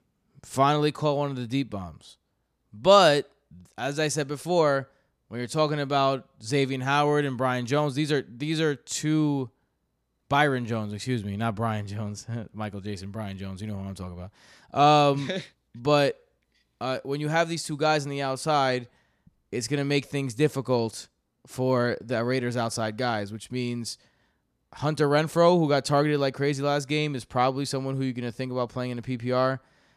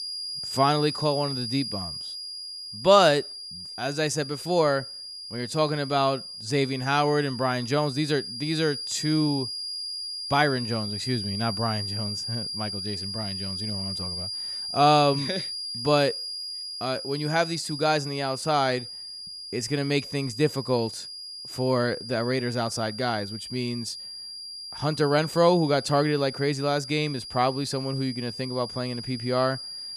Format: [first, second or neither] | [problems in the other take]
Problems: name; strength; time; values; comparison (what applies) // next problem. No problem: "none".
first | high-pitched whine; loud; throughout; 5 kHz, 7 dB below the speech